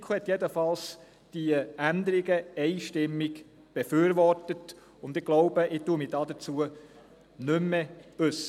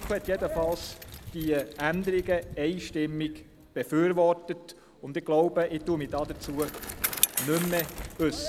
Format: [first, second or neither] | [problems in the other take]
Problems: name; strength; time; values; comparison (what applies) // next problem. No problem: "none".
first | background sound (Bicycle); 9 dB below the speech